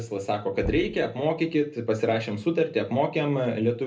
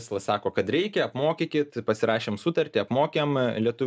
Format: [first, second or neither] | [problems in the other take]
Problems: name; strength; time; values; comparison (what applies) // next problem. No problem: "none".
second | background sound (Knock); 15 dB below the speech // room echo; dies away in 0.3 s